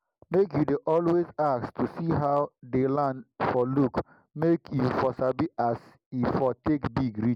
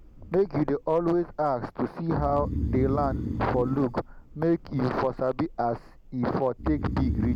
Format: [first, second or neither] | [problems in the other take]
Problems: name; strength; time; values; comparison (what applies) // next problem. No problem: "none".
first | background sound (Breathing); 7 dB below the speech